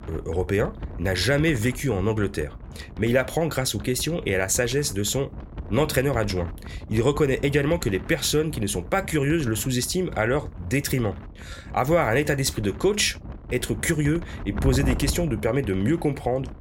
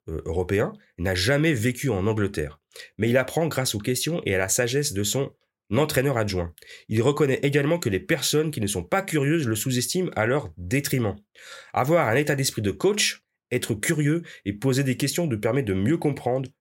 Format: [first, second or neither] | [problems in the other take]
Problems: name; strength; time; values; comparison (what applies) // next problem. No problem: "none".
second | wind noise on the microphone; occasional gusts; 20 dB below the speech